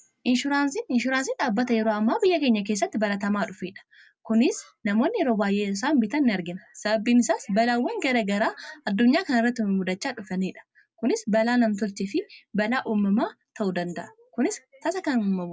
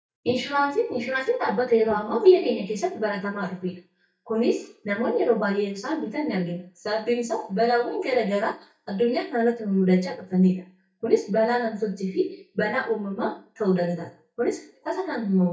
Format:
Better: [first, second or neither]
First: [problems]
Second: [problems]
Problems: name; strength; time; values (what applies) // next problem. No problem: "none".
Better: first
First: none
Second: noise reduction (neural mask model DeepFilterNet 3)